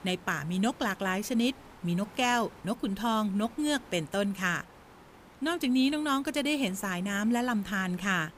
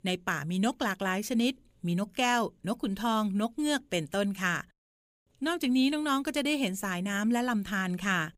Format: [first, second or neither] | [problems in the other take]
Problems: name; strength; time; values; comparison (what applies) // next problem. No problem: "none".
second | hiss; faint; throughout; 20 dB below the speech